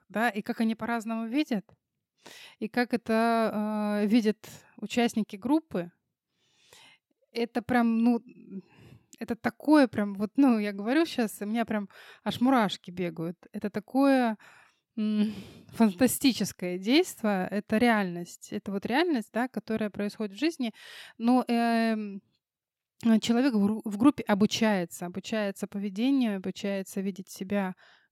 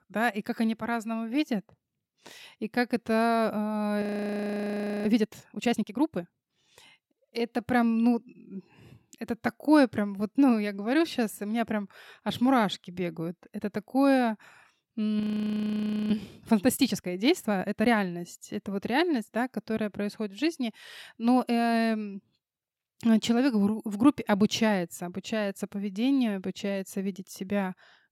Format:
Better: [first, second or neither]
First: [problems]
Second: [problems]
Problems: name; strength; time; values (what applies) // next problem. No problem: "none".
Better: first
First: none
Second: audio freezing; at 4 s for 1 s and at 15 s for 1 s